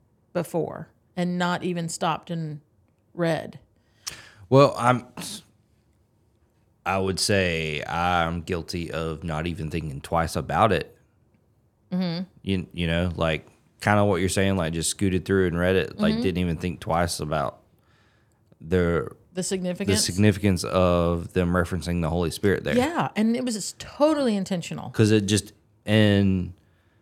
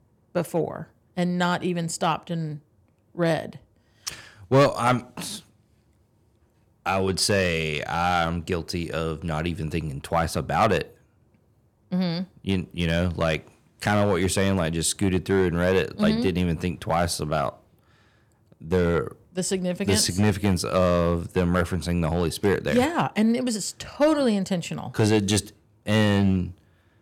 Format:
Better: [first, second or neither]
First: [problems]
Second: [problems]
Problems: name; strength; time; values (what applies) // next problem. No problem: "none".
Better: first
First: none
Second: distortion; slight; 1.8% of the sound clipped